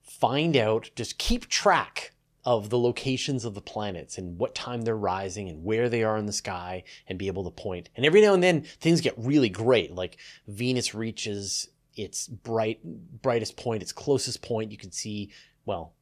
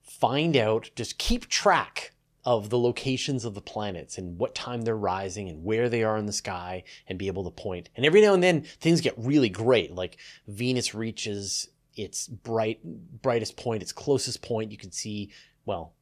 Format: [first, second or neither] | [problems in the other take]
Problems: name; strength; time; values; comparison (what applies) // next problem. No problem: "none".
neither | none